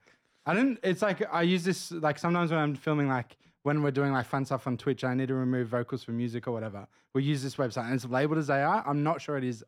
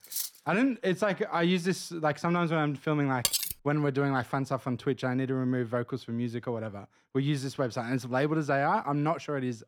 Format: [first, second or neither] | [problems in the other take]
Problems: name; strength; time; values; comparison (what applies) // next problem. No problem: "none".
first | clattering dishes; noticeable; at the start; peak 4 dB below the speech // clattering dishes; loud; at 3.5 s; peak 2 dB above the speech